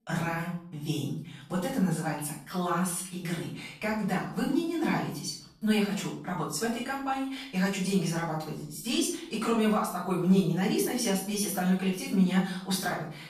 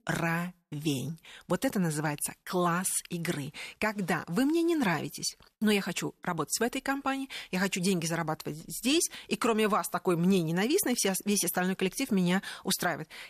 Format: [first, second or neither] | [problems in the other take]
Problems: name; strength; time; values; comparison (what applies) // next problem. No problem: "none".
second | off-mic speech; far // room echo; noticeable; dies away in 0.5 s